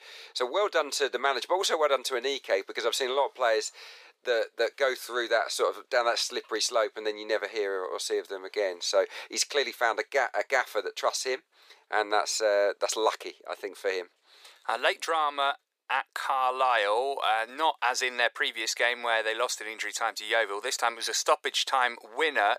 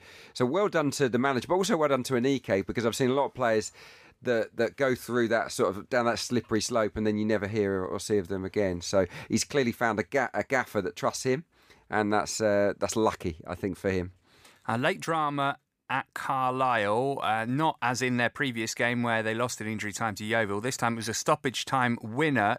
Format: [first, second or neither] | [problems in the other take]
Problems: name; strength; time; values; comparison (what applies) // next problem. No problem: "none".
second | thin; very; fading below 400 Hz